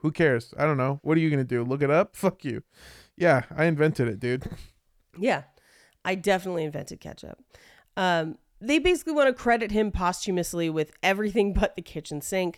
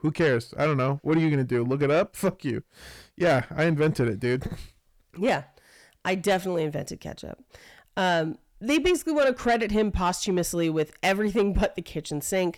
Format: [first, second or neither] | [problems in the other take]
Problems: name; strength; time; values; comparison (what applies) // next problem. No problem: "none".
first | distortion; slight; 10 dB below the speech